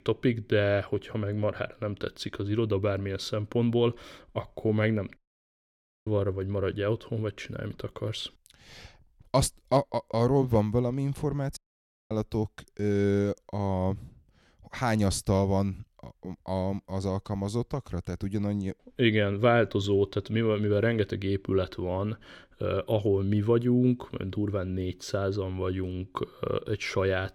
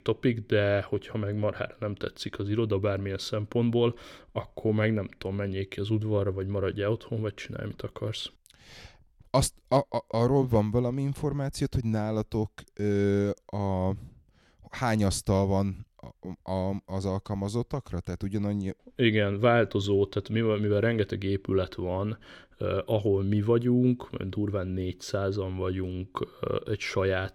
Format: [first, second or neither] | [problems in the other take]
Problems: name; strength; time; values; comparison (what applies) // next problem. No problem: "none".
second | audio cutting out; at 5 s for 1 s and at 12 s for 0.5 s